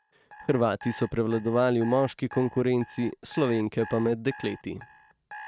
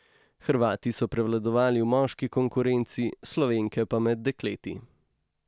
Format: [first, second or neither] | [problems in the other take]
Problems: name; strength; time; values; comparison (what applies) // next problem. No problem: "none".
second | noise reduction (neural mask model RNNoise)